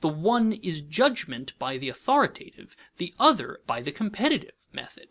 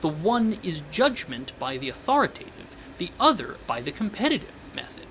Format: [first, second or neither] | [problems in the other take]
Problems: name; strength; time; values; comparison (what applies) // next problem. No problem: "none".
first | background sound (Train); 18 dB below the speech